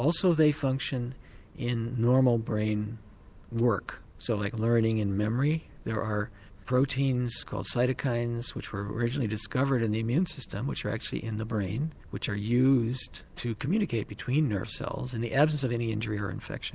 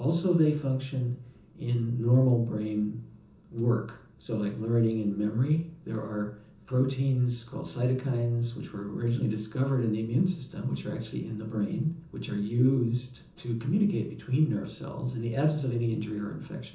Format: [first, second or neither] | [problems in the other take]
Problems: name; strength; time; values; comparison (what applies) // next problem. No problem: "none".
first | room echo; dies away in 0.6 s